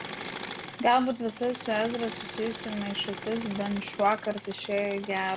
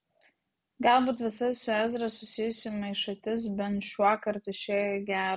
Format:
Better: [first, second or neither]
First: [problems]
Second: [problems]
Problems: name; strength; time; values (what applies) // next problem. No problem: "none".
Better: second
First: background sound (Engine / Mechanisms); 11 dB below the speech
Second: none